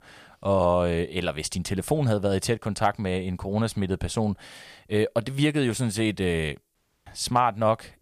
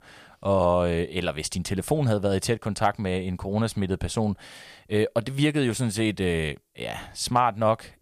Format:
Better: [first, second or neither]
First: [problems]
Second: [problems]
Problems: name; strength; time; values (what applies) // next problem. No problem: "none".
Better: second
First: audio cutting out; at 7 s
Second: none